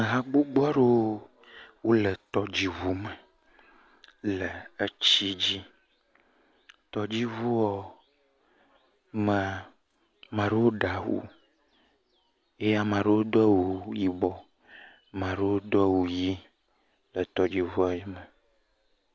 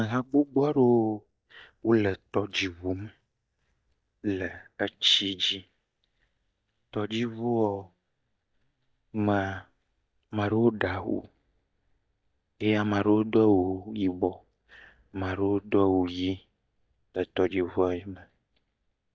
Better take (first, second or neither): first